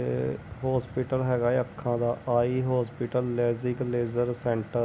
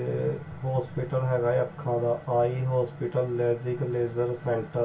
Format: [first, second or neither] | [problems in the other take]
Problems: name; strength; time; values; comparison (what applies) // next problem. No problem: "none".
first | room echo; dies away in 0.2 s